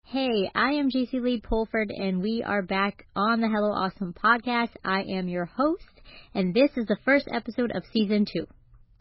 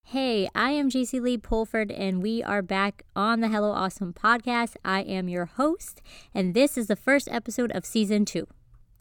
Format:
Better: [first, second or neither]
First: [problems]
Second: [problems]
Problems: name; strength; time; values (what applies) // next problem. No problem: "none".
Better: second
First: garbled, watery; badly; nothing above 5 kHz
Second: none